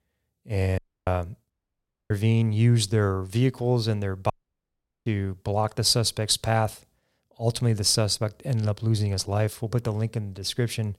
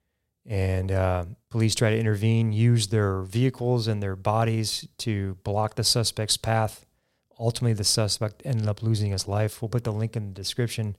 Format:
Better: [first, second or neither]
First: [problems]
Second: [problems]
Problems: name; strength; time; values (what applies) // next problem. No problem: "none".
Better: second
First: audio cutting out; at 1 s, at 1.5 s for 0.5 s and at 4.5 s for 1 s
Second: none